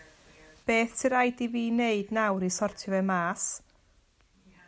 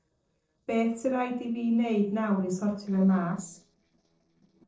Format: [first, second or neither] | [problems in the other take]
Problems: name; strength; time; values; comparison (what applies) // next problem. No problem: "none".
first | noise reduction (neural separator model SepFormer DNS4)